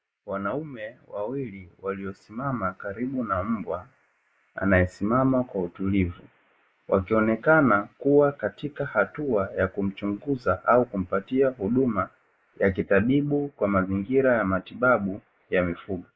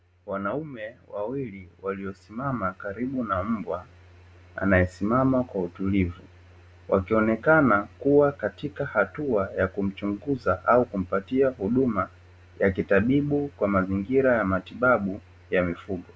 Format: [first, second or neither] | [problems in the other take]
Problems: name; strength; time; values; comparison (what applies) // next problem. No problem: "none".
second | noise reduction (neural mask model Resemble Enhance denoiser)